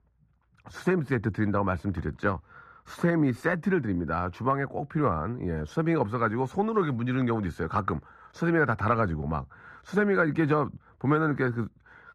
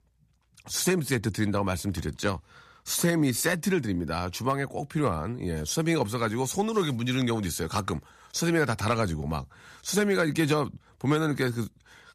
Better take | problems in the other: second | muffled; very; fading above 3 kHz

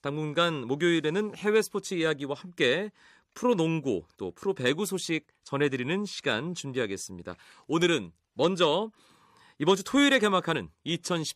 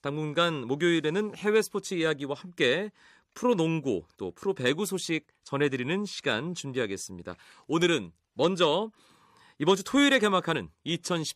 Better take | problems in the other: neither | none

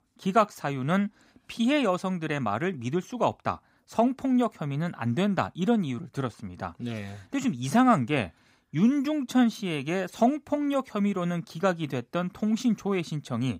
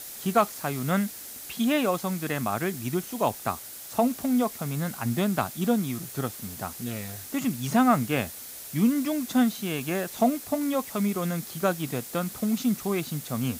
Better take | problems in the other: first | hiss; noticeable; throughout; 10 dB below the speech

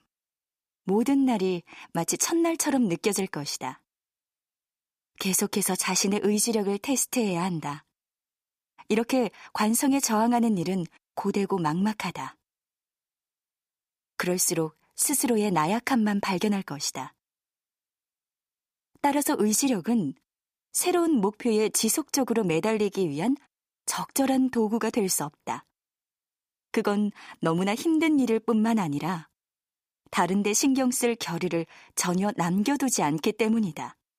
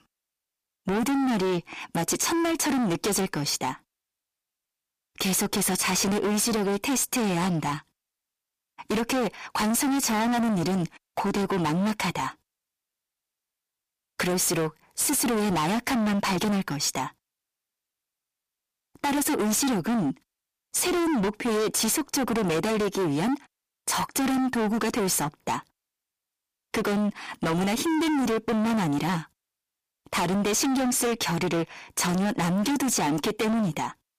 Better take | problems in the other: first | distortion; heavy; 31% of the sound clipped

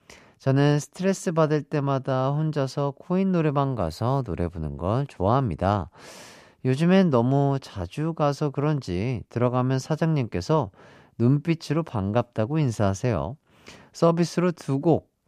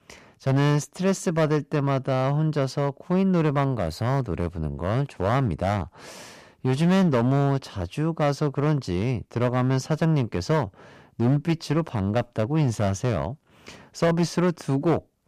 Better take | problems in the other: first | distortion; slight; 6% of the sound clipped

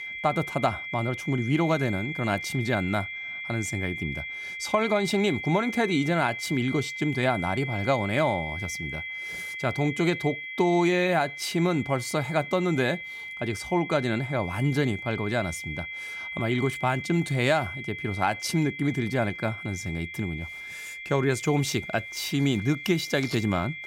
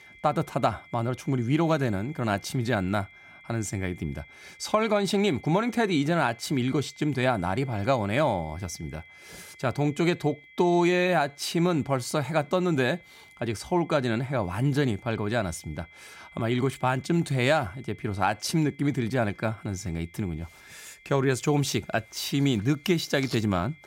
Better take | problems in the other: second | high-pitched whine; loud; throughout; 2 kHz, 8 dB below the speech; faint in the second

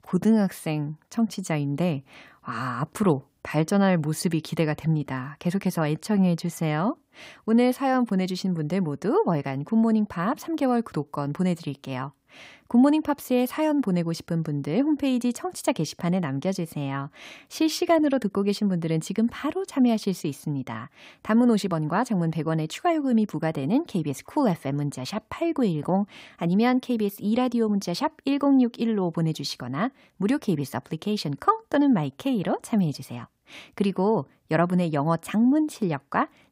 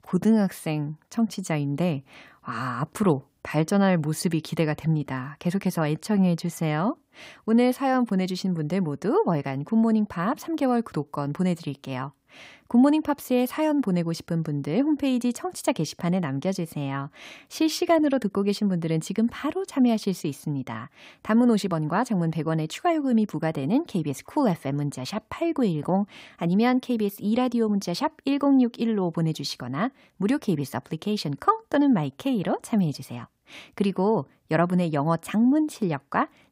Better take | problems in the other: neither | none

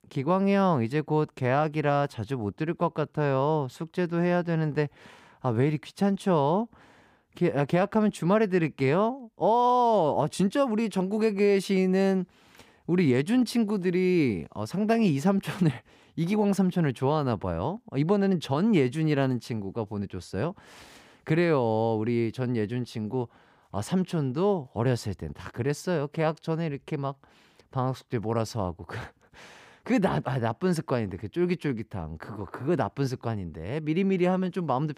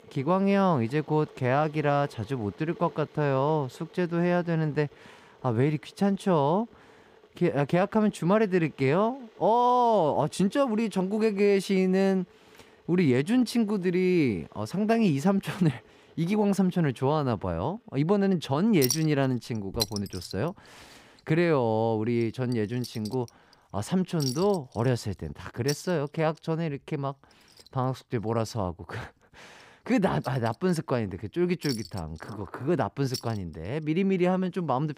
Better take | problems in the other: first | household noises; noticeable; throughout; 15 dB below the speech

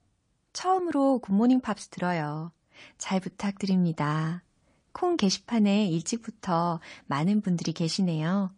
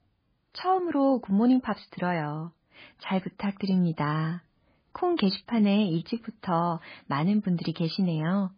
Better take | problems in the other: first | garbled, watery; badly; nothing above 4.5 kHz; slightly in the first

